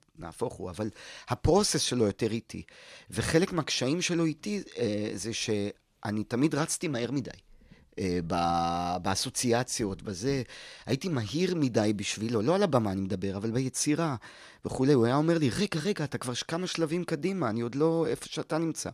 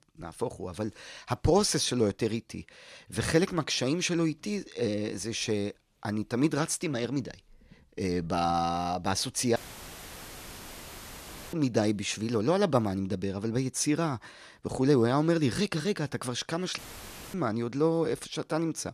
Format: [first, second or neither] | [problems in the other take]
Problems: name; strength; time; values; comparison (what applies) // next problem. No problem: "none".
first | audio cutting out; filled with static; at 9.5 s for 2 s and at 17 s for 0.5 s